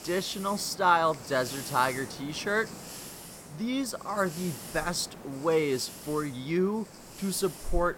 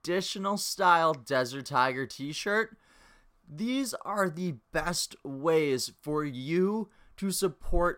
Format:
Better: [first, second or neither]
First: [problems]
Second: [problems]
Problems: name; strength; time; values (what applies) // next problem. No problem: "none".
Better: second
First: hiss; noticeable; throughout; 15 dB below the speech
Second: none